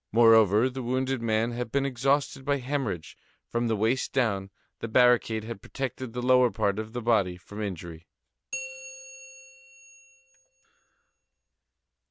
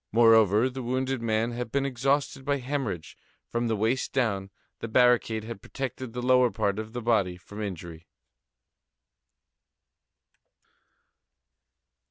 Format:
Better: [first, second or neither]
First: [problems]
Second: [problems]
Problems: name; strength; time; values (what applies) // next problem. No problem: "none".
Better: second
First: background sound (Bell); 16 dB below the speech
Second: none